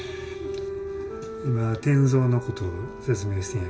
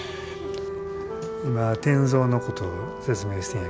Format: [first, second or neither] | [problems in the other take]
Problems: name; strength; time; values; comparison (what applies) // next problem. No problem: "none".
second | room echo; dies away in 0.2 s